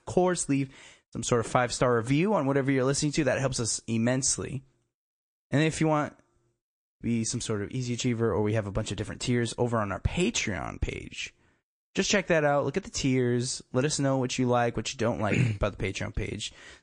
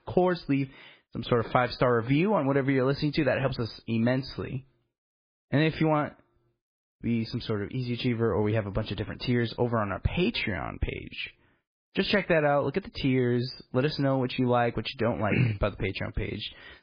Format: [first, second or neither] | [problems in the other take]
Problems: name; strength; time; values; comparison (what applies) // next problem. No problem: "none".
first | garbled, watery; badly; nothing above 5 kHz; slightly in the first